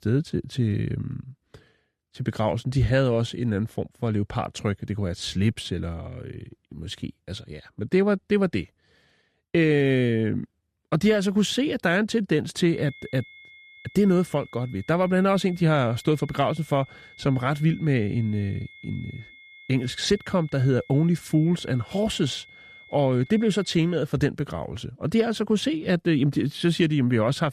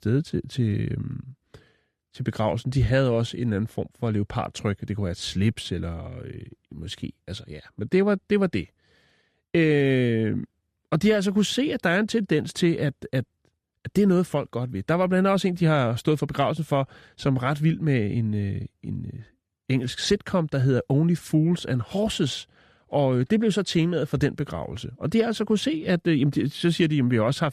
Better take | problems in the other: second | high-pitched whine; faint; from 13 to 24 s; 2 kHz, 25 dB below the speech

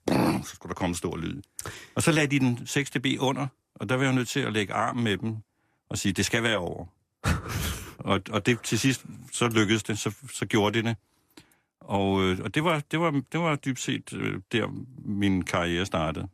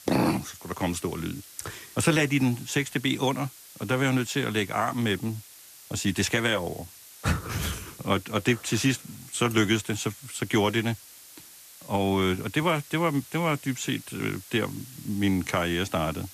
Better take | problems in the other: first | hiss; noticeable; throughout; 20 dB below the speech

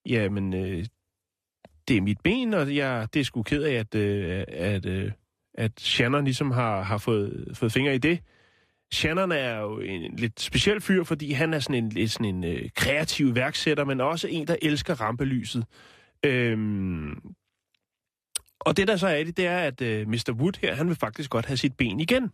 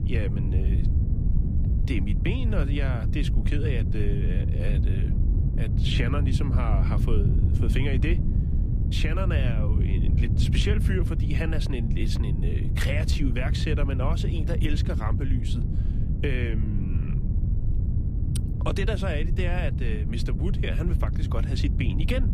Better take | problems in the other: first | wind noise on the microphone; heavy; 5 dB below the speech

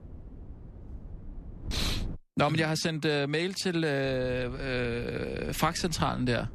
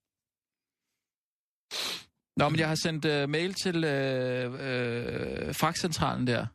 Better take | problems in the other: second | wind noise on the microphone; occasional gusts; until 2 s and from 4 s on; 25 dB below the speech

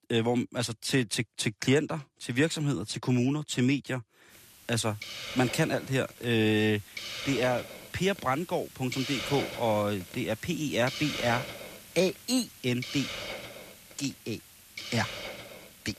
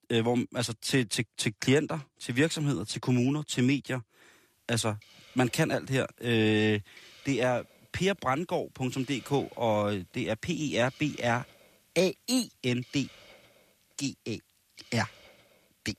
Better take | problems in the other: second | hiss; loud; from 4.5 s on; 9 dB below the speech; faint in the second

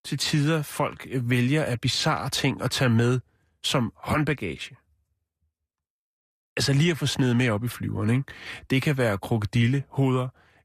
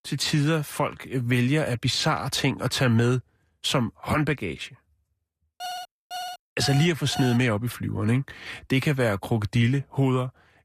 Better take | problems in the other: first | alarm; faint; from 5.5 to 7.5 s; peak 10 dB below the speech

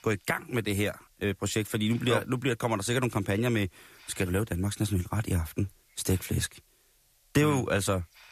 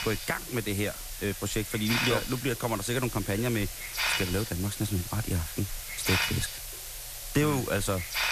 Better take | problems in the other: first | hiss; loud; throughout; 3 dB below the speech; faint in the first

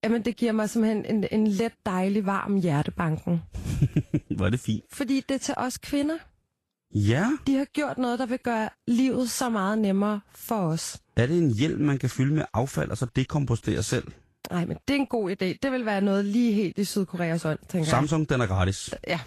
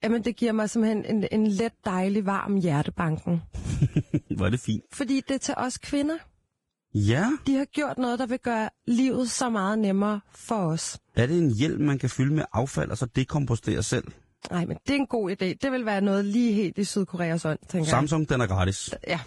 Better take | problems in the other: first | garbled, watery; badly; nothing above 10 kHz; slightly in the first

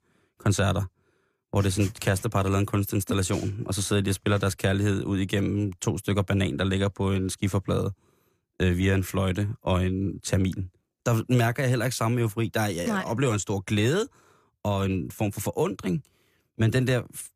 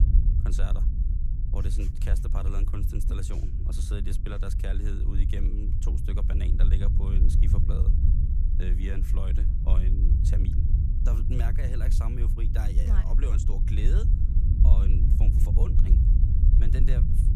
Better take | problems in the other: first | low rumble; loud; throughout; 1 dB below the speech

